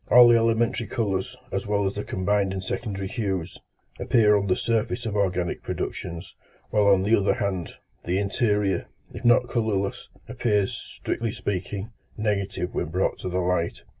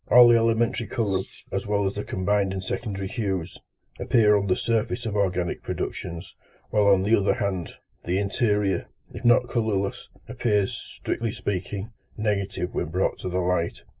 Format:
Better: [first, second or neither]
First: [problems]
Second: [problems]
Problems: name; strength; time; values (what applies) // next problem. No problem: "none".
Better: first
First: none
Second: noise reduction (neural mask model Resemble Enhance denoiser)